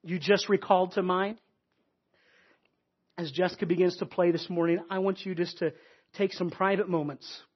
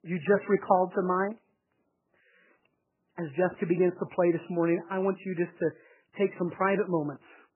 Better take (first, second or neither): first